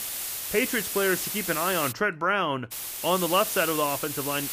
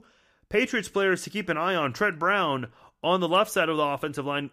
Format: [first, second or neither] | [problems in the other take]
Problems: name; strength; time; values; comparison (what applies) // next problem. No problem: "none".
second | hiss; loud; until 2 s and from 2.5 s on; 3 dB below the speech